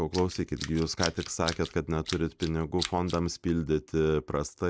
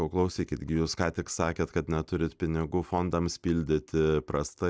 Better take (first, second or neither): second